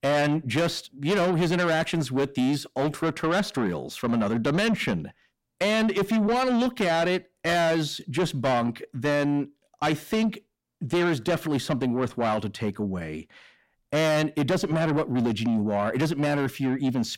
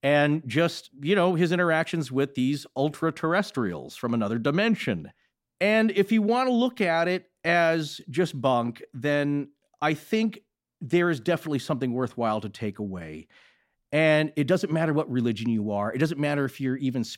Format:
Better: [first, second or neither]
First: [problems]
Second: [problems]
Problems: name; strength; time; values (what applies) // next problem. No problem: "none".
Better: second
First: distortion; heavy; 8 dB below the speech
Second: none